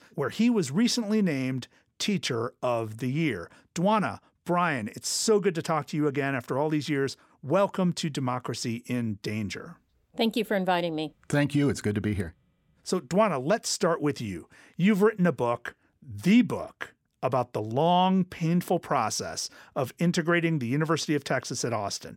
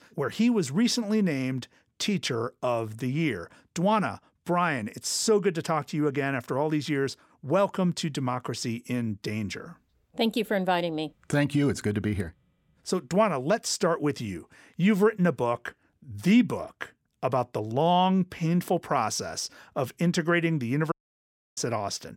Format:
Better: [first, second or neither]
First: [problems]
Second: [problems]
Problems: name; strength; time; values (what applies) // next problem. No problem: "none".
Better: first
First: none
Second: audio cutting out; at 21 s for 0.5 s